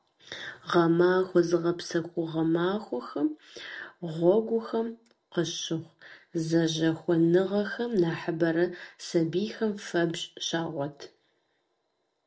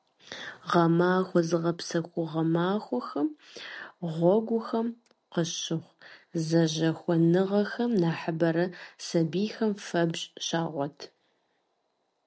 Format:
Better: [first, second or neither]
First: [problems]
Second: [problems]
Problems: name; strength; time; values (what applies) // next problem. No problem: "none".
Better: second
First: room echo; dies away in 0.2 s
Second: none